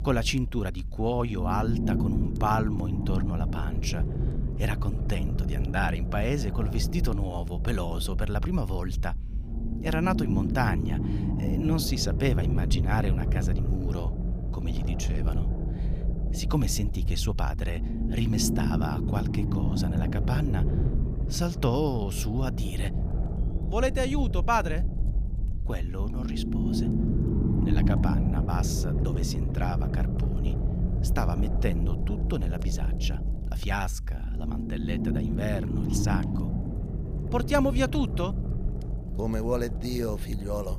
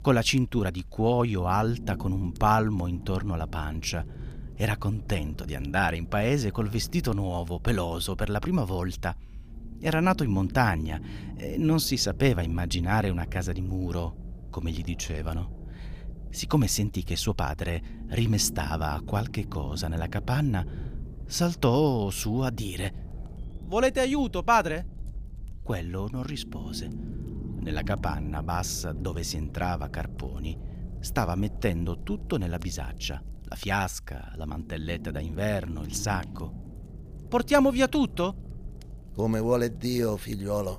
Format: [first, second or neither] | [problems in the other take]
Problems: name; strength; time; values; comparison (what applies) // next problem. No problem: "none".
second | low rumble; loud; throughout; 6 dB below the speech; faint in the second